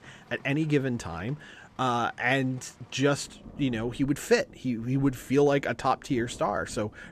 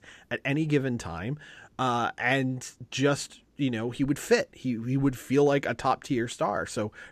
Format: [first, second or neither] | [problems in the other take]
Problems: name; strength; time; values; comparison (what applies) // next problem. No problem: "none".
second | rain or running water; faint; throughout; 25 dB below the speech